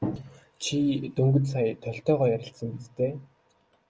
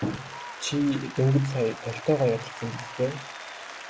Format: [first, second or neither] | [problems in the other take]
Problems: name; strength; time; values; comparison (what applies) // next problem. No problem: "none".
first | background sound (Applause); 12 dB below the speech